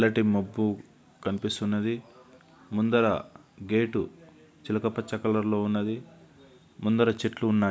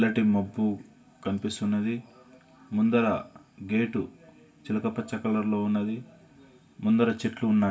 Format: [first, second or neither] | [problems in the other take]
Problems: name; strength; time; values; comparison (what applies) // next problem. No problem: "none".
first | room echo; dies away in 0.2 s